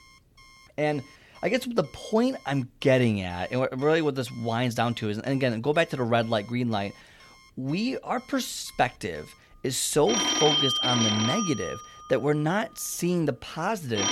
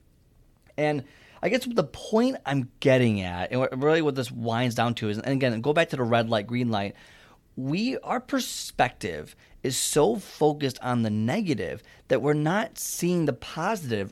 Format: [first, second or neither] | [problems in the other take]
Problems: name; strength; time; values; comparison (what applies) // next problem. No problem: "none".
second | alarms or sirens; very loud; throughout; 2 dB above the speech